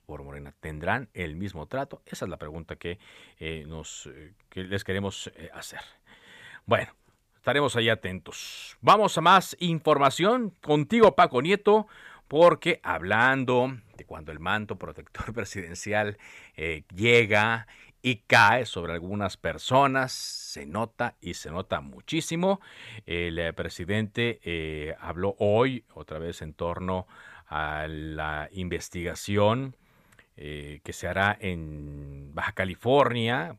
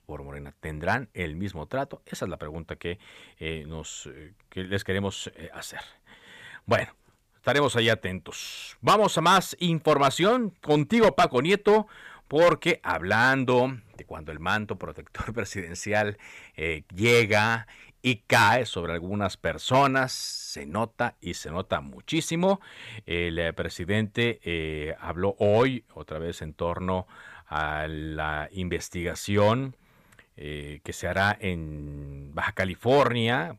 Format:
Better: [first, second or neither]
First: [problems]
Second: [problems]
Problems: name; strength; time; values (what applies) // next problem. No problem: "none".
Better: first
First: none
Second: distortion; slight; 1.9% of the sound clipped